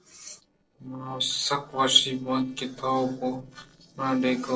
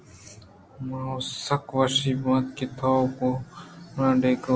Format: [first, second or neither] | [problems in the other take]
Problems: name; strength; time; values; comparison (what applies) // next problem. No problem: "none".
second | noise reduction (neural separator model SepFormer DNS4)